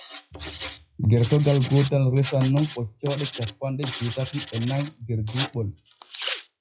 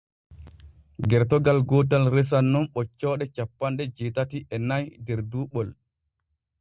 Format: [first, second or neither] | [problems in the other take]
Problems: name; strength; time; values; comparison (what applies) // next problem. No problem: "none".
second | noise reduction (classical method WPE with log-MMSE)